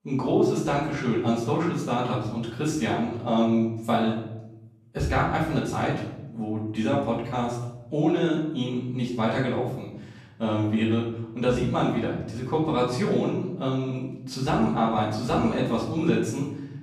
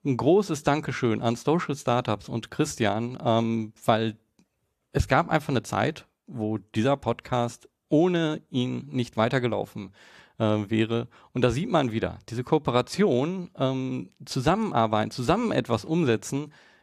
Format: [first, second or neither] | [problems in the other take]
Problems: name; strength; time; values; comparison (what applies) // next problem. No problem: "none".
second | off-mic speech; far // room echo; noticeable; dies away in 0.8 s